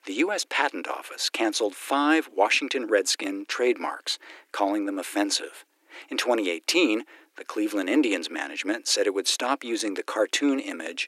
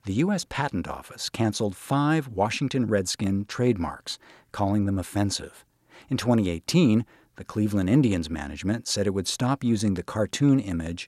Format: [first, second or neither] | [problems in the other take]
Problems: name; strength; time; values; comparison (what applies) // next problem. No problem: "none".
second | thin; somewhat; fading below 300 Hz